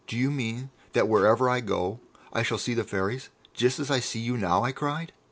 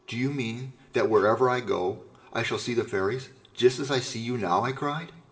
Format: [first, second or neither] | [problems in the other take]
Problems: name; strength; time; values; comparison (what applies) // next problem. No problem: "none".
first | room echo; dies away in 1 s